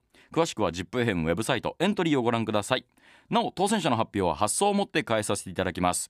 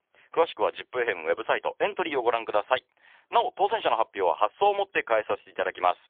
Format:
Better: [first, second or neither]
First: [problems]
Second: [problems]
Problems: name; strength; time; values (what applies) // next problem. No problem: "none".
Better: first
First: none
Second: phone-call audio; poor line; nothing above 3.5 kHz